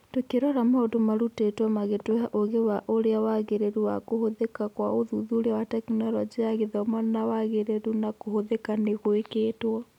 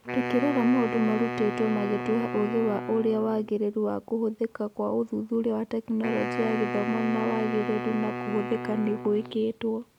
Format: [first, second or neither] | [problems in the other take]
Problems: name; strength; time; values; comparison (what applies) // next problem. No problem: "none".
first | background sound (Wind instrument, woodwind instrument); 7 dB below the speech